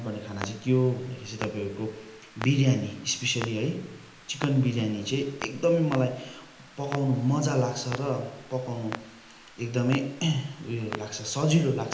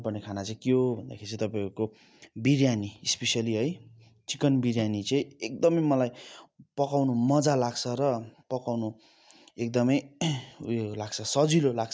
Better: second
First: background sound (Clock); 15 dB below the speech // room echo; dies away in 0.8 s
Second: none

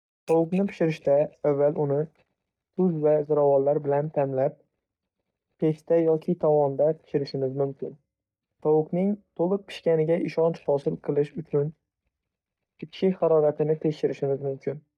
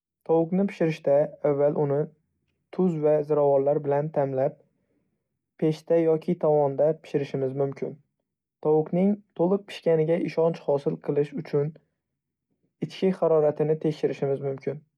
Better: second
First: noise reduction (neural mask model DeepFilterNet 3)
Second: none

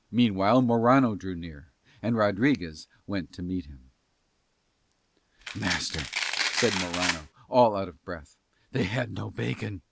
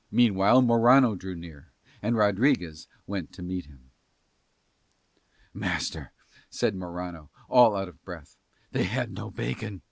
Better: second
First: background sound (Domestic sounds, home sounds); 3 dB below the speech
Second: none

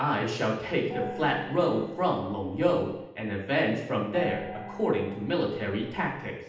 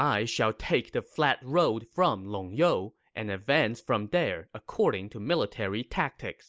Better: second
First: background sound (Gong); 14 dB below the speech // room echo; dies away in 0.8 s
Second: none

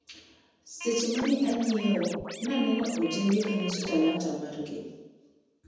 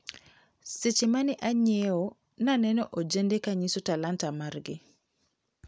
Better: second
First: background sound (Scratching (performance technique)); 11 dB below the speech // room echo; dies away in 1.1 s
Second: none

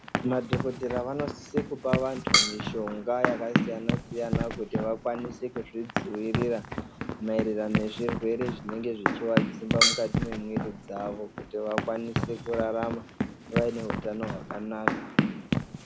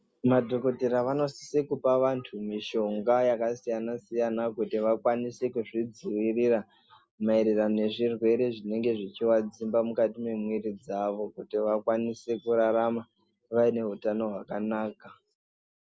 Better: second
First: background sound (Run + Drum kit); 2 dB above the speech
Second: none

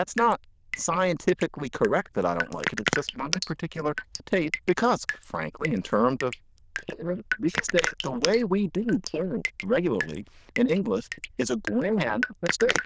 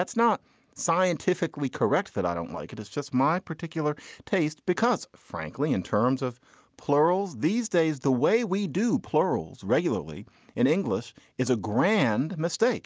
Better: second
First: noise reduction (neural diffusion model UNIVERSE++)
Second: none

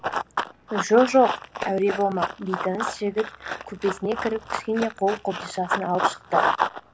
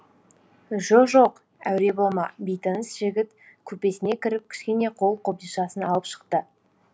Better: second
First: background sound (Run); 4 dB below the speech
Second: none

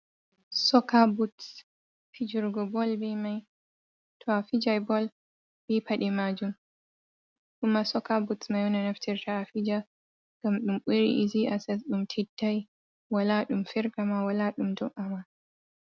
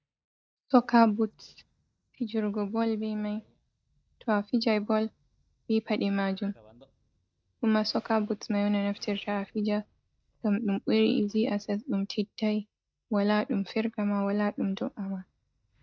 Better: first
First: none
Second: noise reduction (neural mask model DeepFilterNet 3)

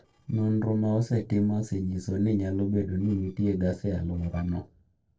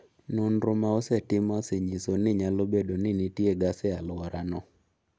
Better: second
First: noise reduction (neural separator model SepFormer DNS4)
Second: none

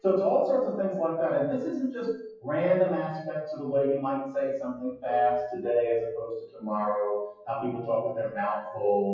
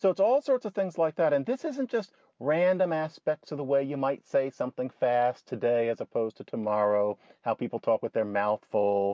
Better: second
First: noise reduction (classical method WPE with log-MMSE)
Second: none

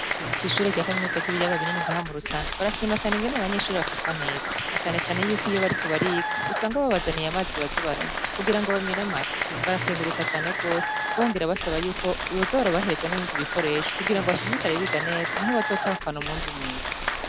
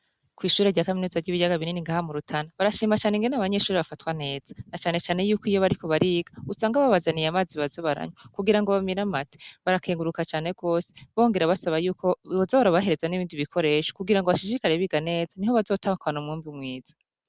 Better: second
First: background sound (Applause); 1 dB below the speech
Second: none

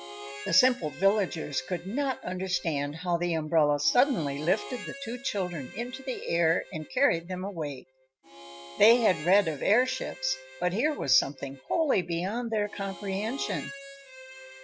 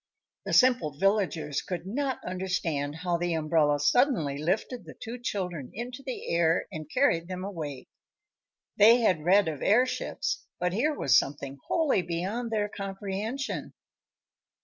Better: second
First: background sound (Harmonica); 16 dB below the speech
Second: none

